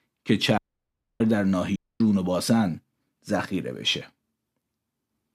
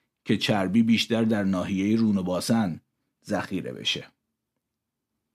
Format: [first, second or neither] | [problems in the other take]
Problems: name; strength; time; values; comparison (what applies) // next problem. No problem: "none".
second | audio cutting out; at 0.5 s for 0.5 s and at 2 s